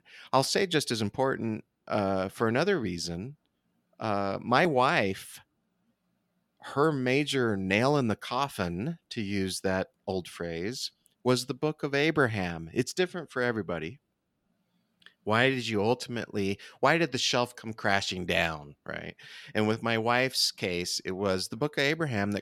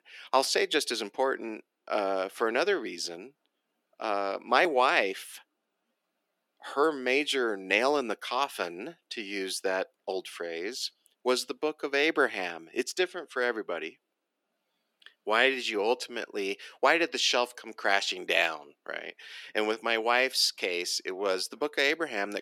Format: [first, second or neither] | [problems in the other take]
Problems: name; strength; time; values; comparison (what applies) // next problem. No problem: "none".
first | thin; somewhat; fading below 300 Hz